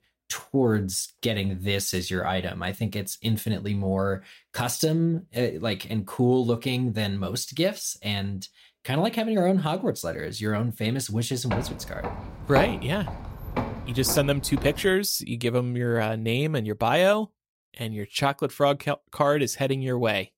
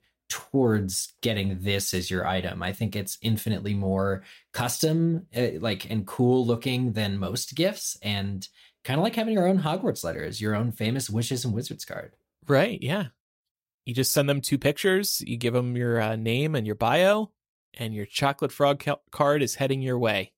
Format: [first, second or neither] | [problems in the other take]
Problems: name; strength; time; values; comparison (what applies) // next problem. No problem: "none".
second | footsteps; noticeable; from 12 to 15 s; peak 2 dB below the speech